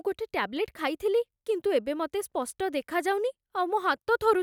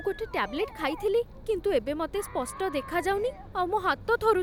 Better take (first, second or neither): first